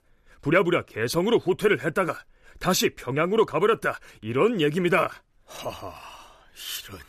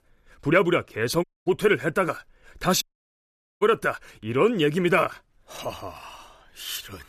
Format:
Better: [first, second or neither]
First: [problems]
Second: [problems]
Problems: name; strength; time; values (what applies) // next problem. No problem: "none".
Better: first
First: none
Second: audio cutting out; at 1 s and at 3 s for 1 s